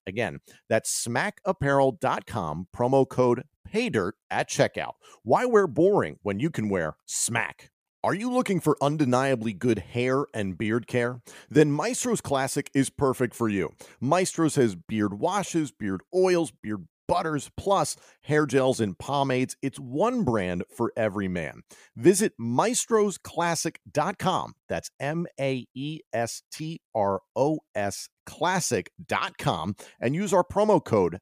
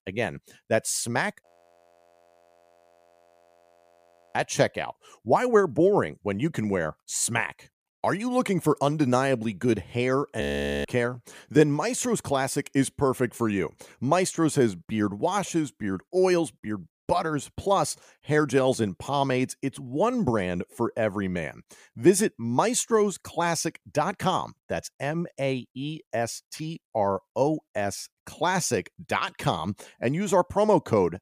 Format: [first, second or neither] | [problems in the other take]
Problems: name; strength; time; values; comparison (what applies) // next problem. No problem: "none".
first | audio freezing; at 1.5 s for 3 s and at 10 s